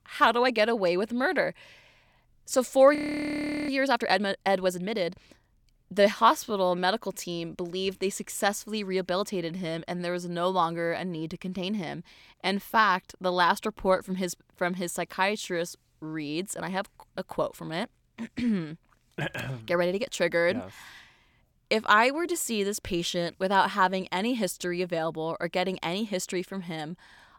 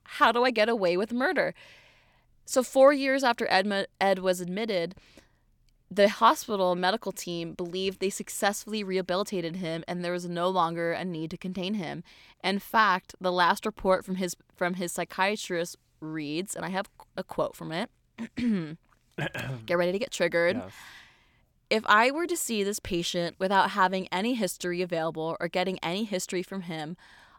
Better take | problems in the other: second | audio freezing; at 3 s for 0.5 s

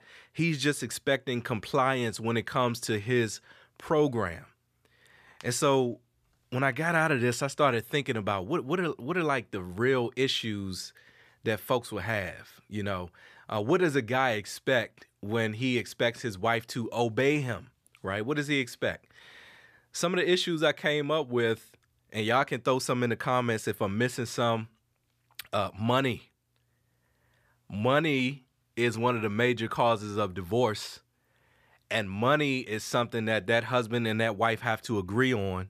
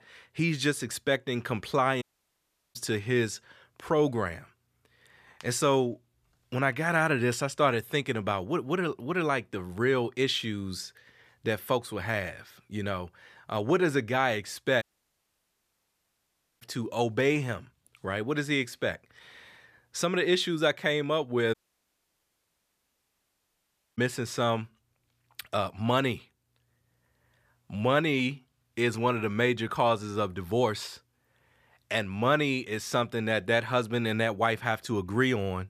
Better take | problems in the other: first | audio cutting out; at 2 s for 0.5 s, at 15 s for 2 s and at 22 s for 2.5 s

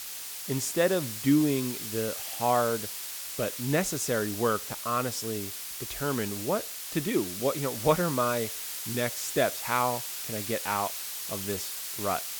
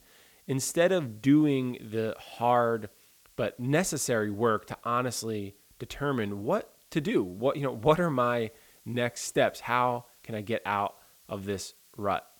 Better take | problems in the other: second | hiss; loud; throughout; 5 dB below the speech; faint in the second

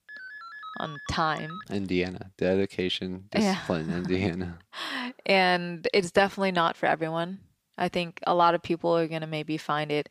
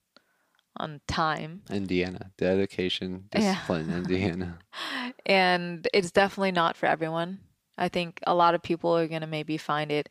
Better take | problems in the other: second | phone ringing; faint; until 1.5 s; peak 15 dB below the speech

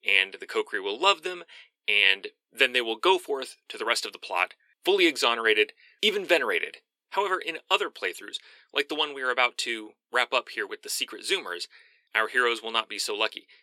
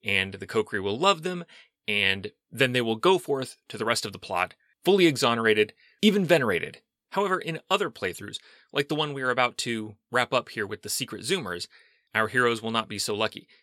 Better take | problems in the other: second | thin; very; fading below 350 Hz

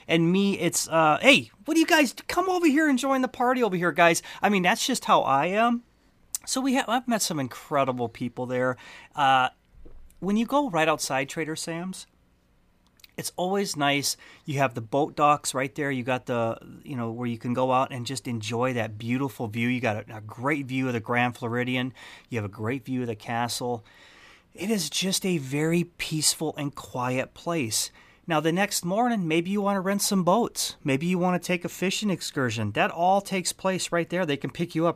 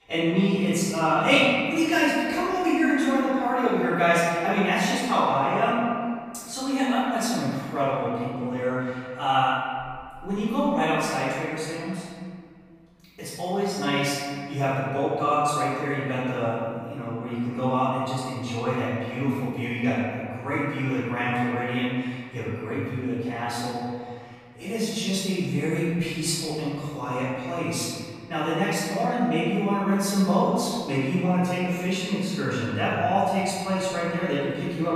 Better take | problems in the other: first | off-mic speech; far // room echo; strong; dies away in 2 s

